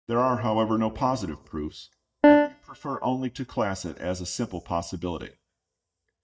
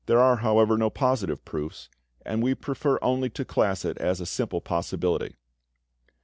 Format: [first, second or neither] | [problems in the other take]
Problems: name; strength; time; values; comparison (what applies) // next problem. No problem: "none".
second | noise reduction (neural mask model DeepFilterNet 3)